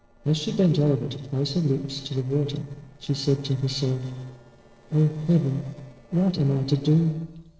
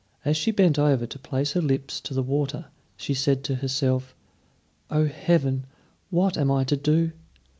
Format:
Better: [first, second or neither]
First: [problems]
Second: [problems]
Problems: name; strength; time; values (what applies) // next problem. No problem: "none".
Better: second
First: noise reduction (neural separator model SepFormer DNS4)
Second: none